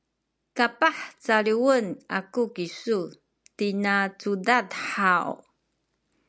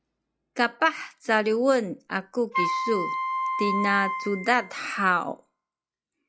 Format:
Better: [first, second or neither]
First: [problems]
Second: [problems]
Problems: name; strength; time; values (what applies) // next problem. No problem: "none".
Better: first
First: none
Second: noise reduction (classical method log-MMSE)